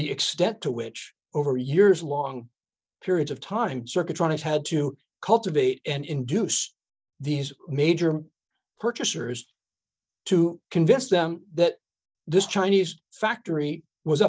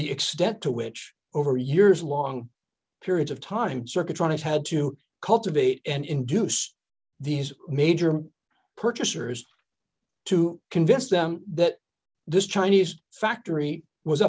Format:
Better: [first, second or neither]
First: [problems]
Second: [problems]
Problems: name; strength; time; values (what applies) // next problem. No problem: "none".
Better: second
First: noise reduction (neural mask model DeepFilterNet 3)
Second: none